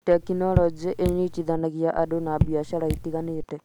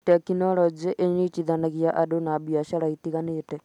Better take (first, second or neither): second